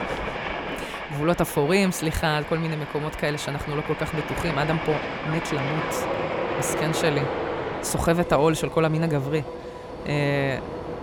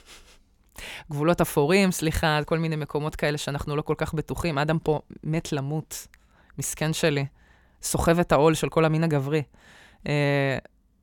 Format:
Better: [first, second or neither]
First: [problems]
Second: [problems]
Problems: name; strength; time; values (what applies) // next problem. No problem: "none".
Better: second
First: train or aircraft noise; loud; throughout; 5 dB below the speech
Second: none